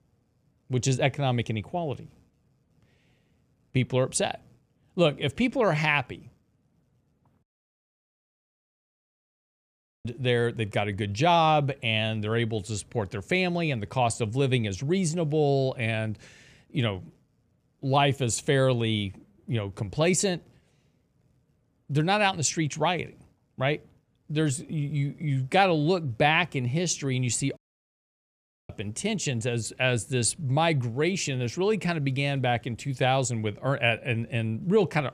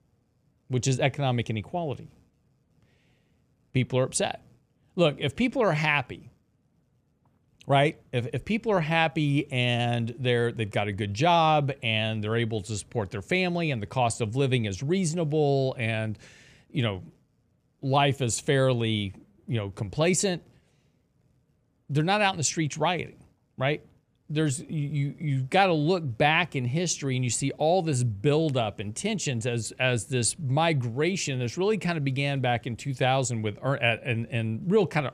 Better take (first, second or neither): second